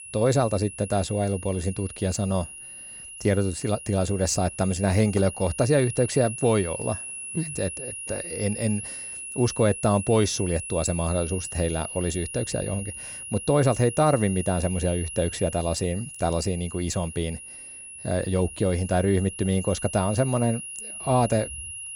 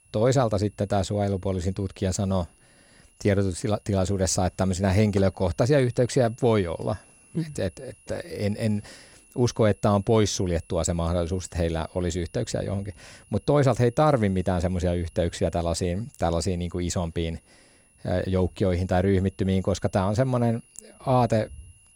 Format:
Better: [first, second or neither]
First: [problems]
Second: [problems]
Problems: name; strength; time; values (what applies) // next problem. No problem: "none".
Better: second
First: high-pitched whine; loud; throughout; 10.5 kHz, 9 dB below the speech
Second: high-pitched whine; faint; throughout; 10.5 kHz, 30 dB below the speech